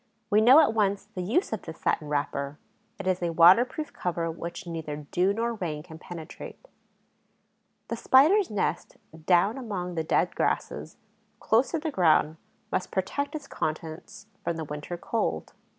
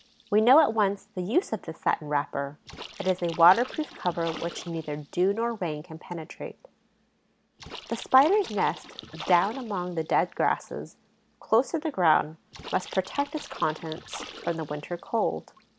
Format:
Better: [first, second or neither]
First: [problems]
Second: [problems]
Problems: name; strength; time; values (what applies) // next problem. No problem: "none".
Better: first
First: none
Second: background sound (Splash, splatter); 18 dB below the speech